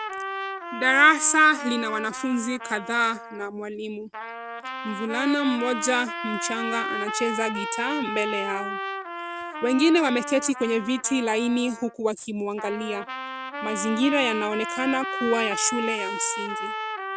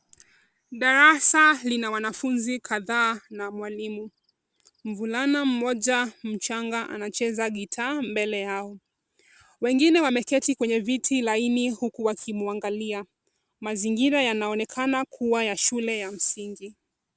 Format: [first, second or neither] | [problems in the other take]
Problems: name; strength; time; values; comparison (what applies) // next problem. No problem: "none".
second | background sound (Trumpet); 7 dB below the speech